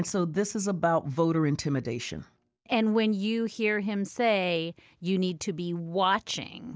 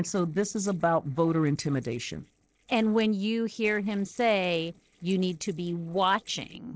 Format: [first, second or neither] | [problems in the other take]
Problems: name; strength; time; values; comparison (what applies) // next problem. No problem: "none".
first | noise reduction (neural separator model SepFormer DNS4)